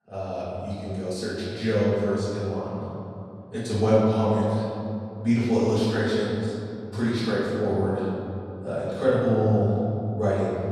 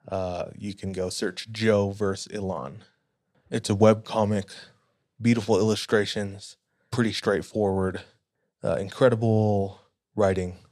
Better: second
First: room echo; strong; dies away in 3 s // off-mic speech; far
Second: none

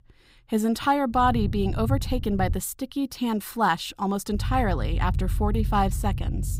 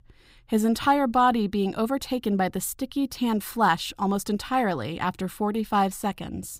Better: second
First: low rumble; noticeable; from 1 to 2.5 s and from 4.5 s on; 20 dB below the speech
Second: none

